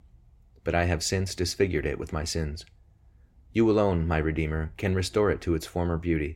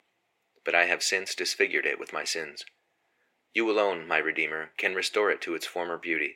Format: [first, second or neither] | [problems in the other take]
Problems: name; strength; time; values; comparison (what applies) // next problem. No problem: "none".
first | thin; very; fading below 400 Hz